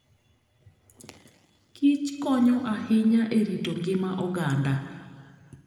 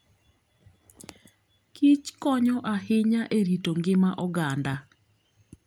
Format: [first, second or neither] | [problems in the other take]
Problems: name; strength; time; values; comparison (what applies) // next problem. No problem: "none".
second | room echo; dies away in 2 s